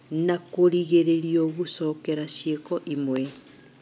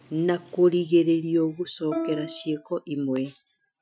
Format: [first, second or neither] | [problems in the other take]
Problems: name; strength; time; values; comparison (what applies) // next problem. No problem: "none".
first | noise reduction (classical method Wiener filter)